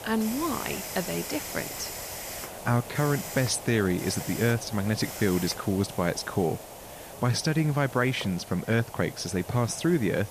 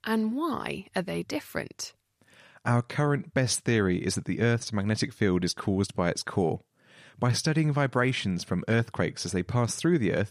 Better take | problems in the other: second | hiss; loud; throughout; 10 dB below the speech

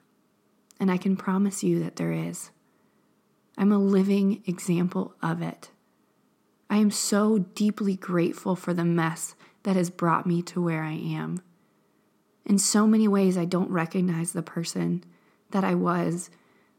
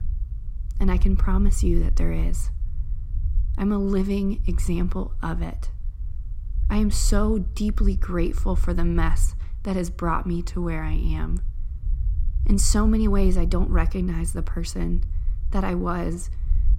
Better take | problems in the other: first | low rumble; noticeable; throughout; 20 dB below the speech

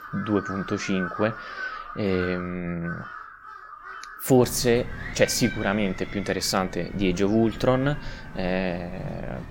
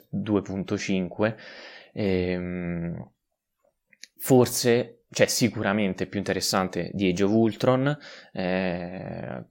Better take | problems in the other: second | animal sounds; noticeable; throughout; 10 dB below the speech

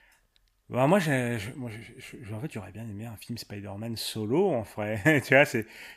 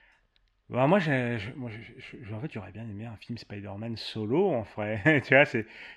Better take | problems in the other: first | muffled; very slightly; fading above 3 kHz

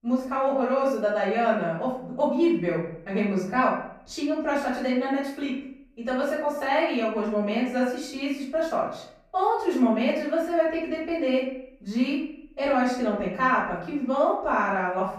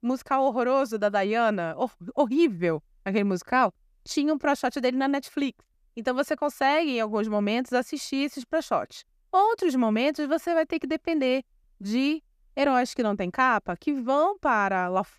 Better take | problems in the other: second | off-mic speech; far // room echo; noticeable; dies away in 0.6 s

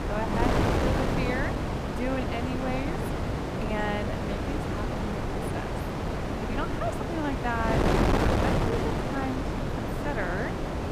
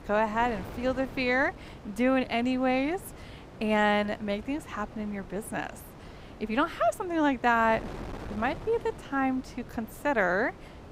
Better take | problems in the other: second | wind noise on the microphone; heavy; 3 dB above the speech; occasional gusts in the second

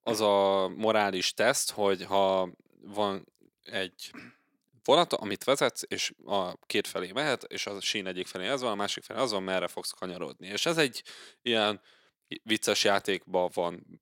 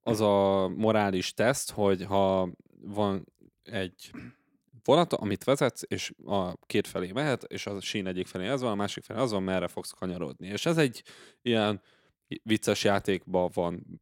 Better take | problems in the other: second | thin; very slightly; fading below 600 Hz

